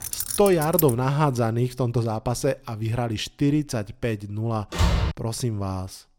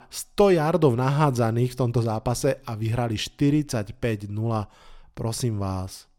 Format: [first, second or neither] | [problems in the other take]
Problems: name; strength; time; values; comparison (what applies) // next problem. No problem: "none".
second | jangling keys; noticeable; at the start; peak 2 dB below the speech // door banging; loud; at 4.5 s; peak 2 dB above the speech